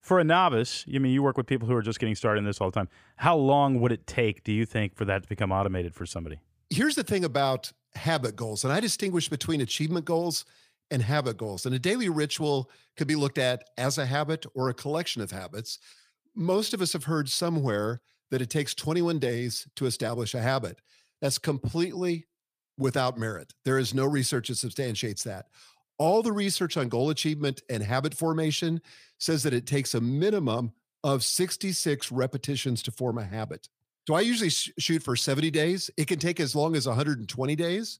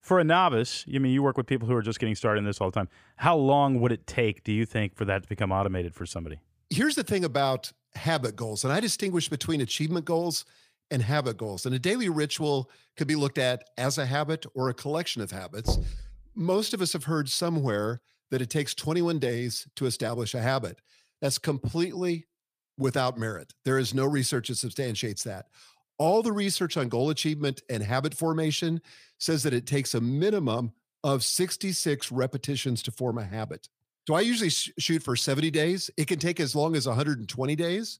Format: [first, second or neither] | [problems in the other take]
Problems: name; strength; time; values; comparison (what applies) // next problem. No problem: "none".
first | door banging; noticeable; at 16 s; peak 3 dB below the speech